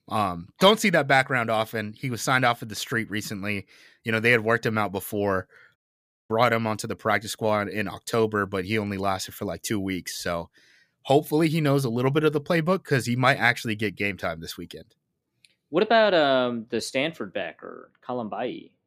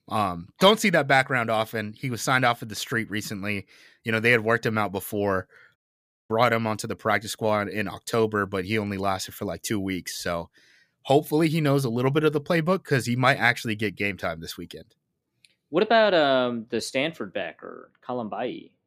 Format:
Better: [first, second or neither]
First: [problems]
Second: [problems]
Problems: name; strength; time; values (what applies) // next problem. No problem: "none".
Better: neither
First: audio cutting out; at 6 s for 0.5 s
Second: audio cutting out; at 6 s for 0.5 s